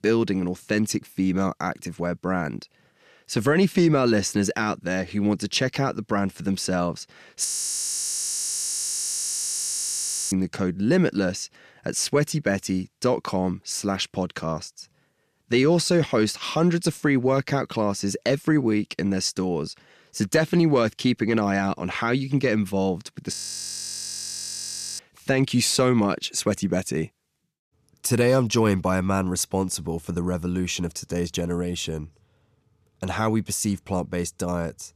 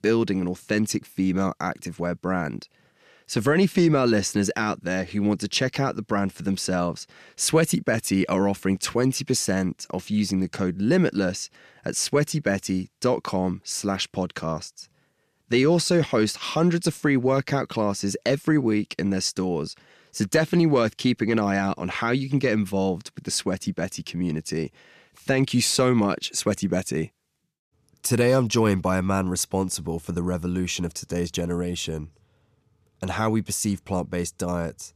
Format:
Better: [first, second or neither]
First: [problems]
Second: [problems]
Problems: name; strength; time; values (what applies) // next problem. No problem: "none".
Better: second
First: audio freezing; at 7.5 s for 3 s and at 23 s for 1.5 s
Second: none